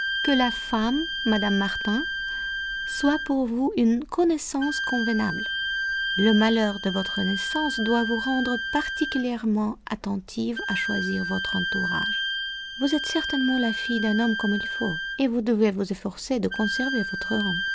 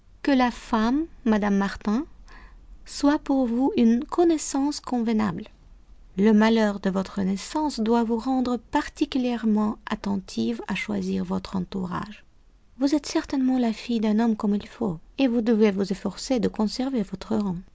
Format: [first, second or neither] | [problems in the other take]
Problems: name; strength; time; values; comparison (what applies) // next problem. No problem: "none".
second | background sound (Wind instrument, woodwind instrument); 4 dB below the speech